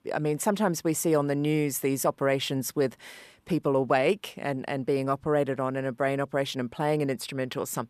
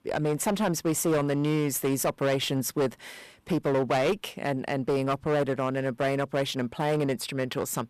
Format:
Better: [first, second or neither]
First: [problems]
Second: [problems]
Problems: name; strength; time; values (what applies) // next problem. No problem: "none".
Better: first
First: none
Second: distortion; slight; 15% of the sound clipped